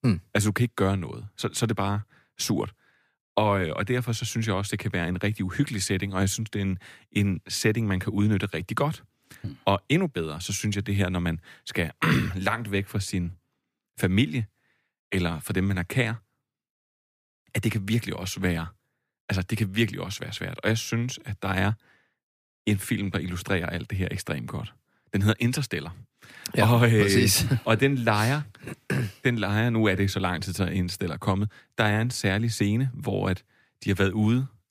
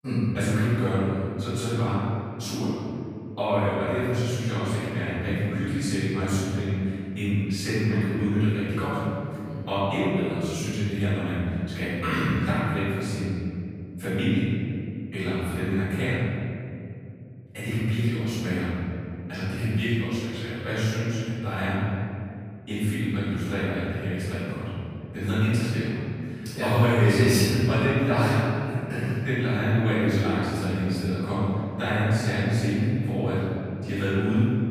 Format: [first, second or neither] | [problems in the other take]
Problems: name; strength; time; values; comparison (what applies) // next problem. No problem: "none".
first | off-mic speech; far // room echo; strong; dies away in 2.6 s